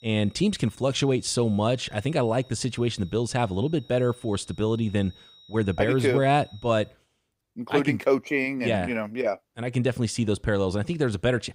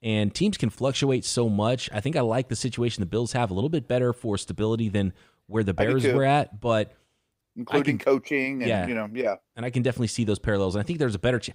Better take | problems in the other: second | high-pitched whine; faint; until 7 s; 4 kHz, 25 dB below the speech

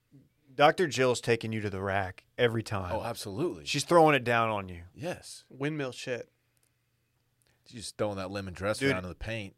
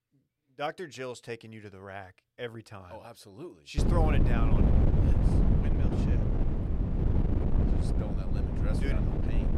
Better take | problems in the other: first | wind noise on the microphone; heavy; from 4 s on; 2 dB above the speech

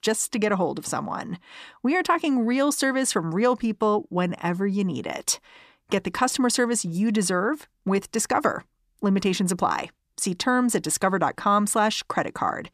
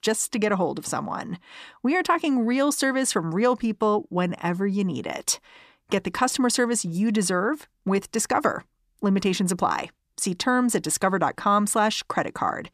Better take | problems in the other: neither | none

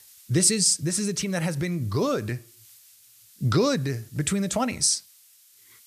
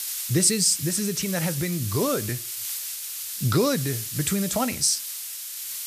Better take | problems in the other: first | hiss; loud; throughout; 6 dB below the speech; faint in the first

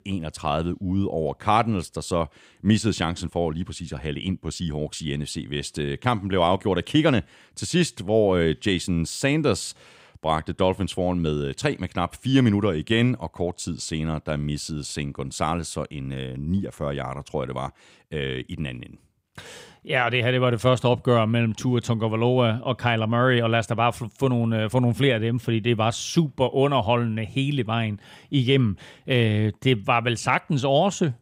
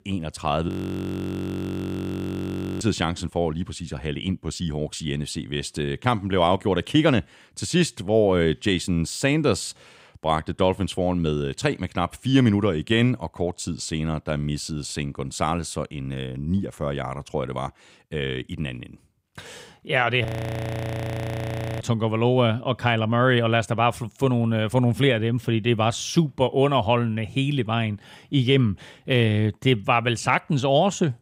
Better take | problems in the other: first | audio freezing; at 0.5 s for 2 s and at 20 s for 1.5 s

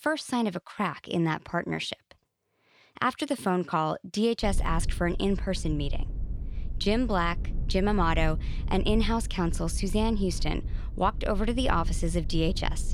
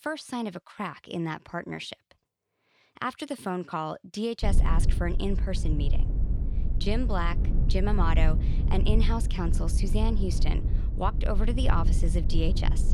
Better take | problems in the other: first | low rumble; loud; from 4.5 s on; 10 dB below the speech; faint in the first

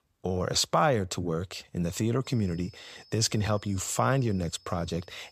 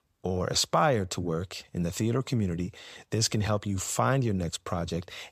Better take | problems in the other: second | high-pitched whine; faint; from 2.5 s on; 5 kHz, 25 dB below the speech

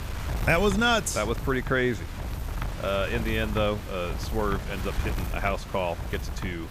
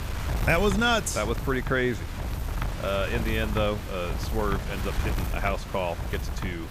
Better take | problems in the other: first | wind noise on the microphone; heavy; 9 dB below the speech; occasional gusts in the first

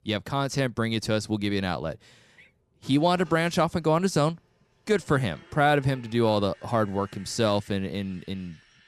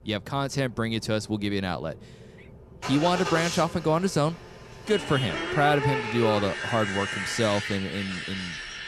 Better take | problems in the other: first | traffic noise; loud; throughout; 4 dB below the speech; faint in the first

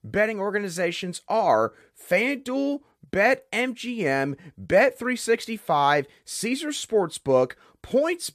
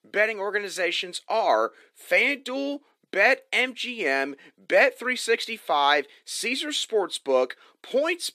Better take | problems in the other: first | thin; very slightly; fading below 300 Hz

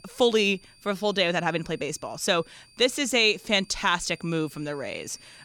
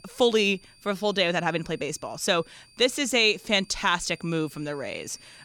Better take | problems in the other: neither | high-pitched whine; faint; throughout; 4.5 kHz, 25 dB below the speech; the same in both

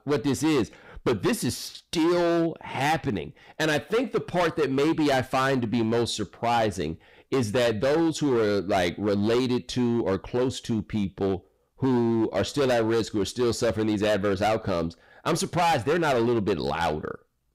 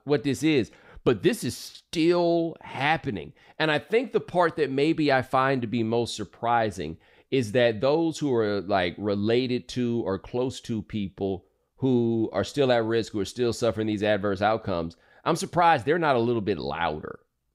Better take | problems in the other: second | distortion; heavy; 16% of the sound clipped

